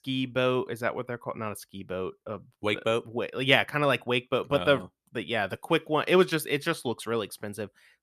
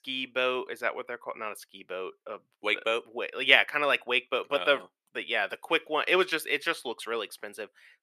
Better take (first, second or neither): first